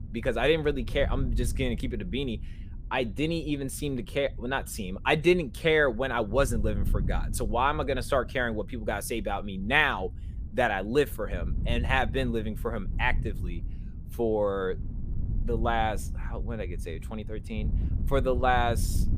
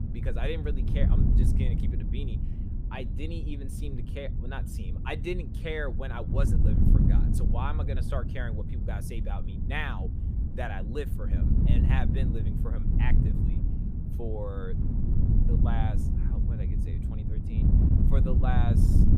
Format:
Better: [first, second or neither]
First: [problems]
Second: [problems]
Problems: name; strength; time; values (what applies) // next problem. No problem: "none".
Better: first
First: wind noise on the microphone; occasional gusts; 20 dB below the speech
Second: wind noise on the microphone; heavy; 3 dB below the speech